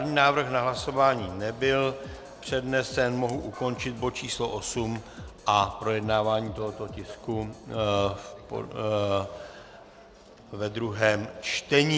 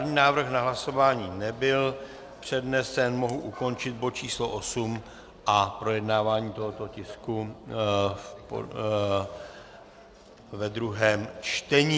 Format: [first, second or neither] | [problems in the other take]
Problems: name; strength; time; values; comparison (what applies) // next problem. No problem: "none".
second | background sound (Drum kit); 18 dB below the speech